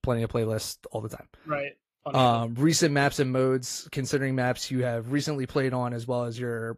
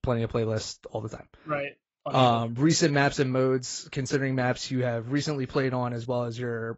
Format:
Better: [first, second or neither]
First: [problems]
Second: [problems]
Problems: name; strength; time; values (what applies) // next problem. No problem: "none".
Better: first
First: garbled, watery; slightly; nothing above 14.5 kHz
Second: garbled, watery; badly; nothing above 7.5 kHz